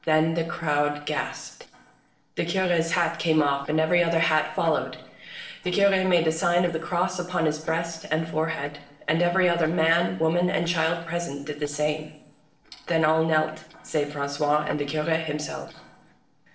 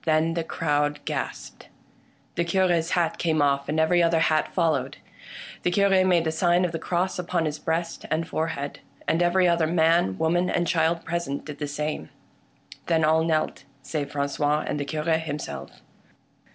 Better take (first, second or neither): second